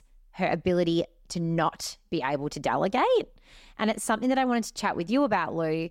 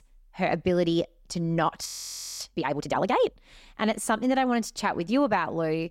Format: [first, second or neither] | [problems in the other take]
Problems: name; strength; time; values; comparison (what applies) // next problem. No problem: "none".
first | audio freezing; at 2 s for 0.5 s